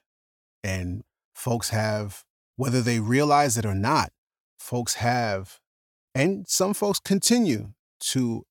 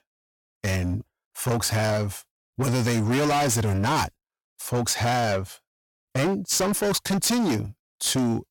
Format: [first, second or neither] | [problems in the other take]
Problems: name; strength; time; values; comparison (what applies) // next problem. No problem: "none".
first | distortion; heavy; 22% of the sound clipped